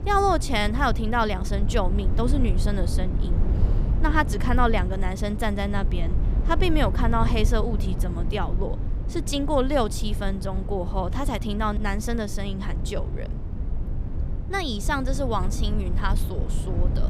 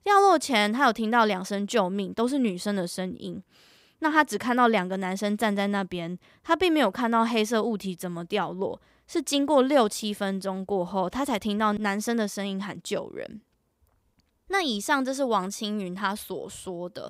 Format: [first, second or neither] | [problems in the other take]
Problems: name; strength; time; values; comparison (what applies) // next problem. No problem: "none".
second | low rumble; noticeable; throughout; 15 dB below the speech